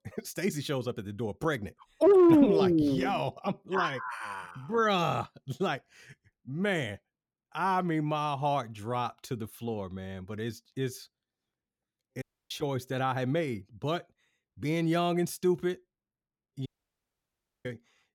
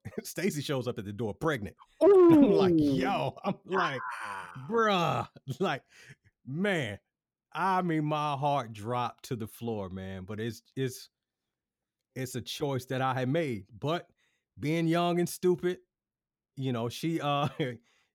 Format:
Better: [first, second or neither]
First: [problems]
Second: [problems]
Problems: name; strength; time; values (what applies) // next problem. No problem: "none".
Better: second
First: audio cutting out; at 12 s and at 17 s for 1 s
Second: none